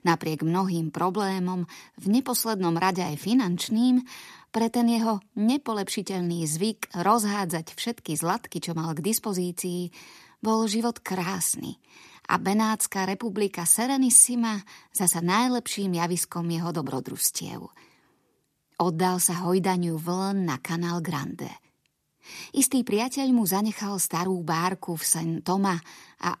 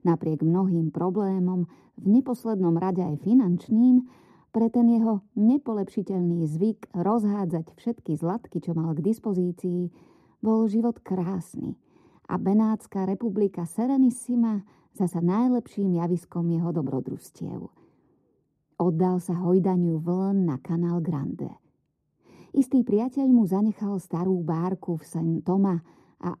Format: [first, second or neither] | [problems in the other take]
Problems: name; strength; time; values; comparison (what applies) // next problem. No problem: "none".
first | muffled; very; fading above 1 kHz